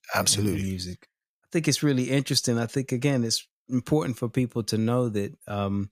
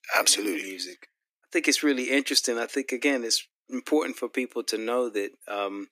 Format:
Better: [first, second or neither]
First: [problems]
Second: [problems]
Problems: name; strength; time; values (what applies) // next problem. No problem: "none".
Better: first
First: none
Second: thin; somewhat; fading below 300 Hz